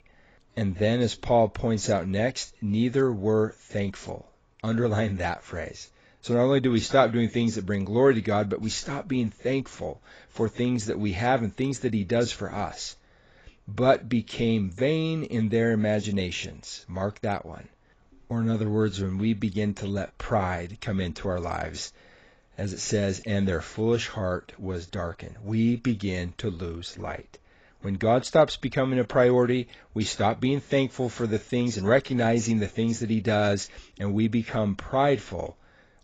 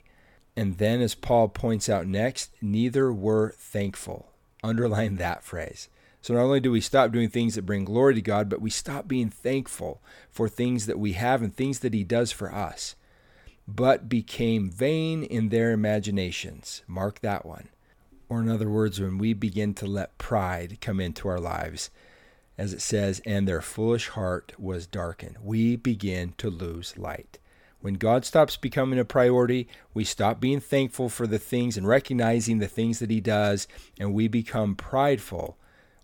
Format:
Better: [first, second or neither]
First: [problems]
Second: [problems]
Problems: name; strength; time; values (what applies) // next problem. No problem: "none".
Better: second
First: garbled, watery; badly; nothing above 7.5 kHz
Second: none